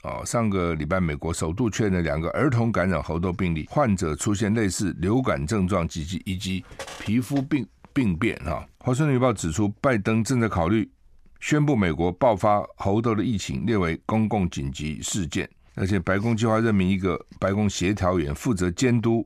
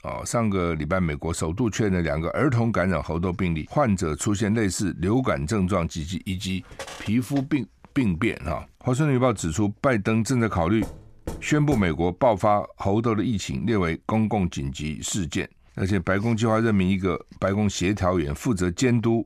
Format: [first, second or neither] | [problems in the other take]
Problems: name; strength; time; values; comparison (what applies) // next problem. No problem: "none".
first | door banging; faint; from 11 to 12 s; peak 15 dB below the speech